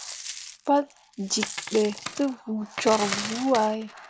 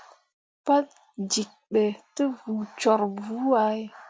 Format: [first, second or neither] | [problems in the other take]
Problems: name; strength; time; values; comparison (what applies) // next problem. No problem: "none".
second | background sound (Coin (dropping)); 9 dB below the speech